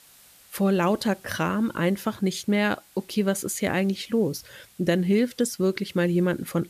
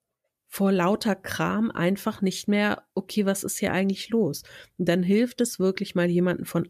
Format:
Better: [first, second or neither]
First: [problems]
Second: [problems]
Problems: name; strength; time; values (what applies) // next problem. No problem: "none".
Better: second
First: hiss; faint; throughout; 25 dB below the speech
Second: none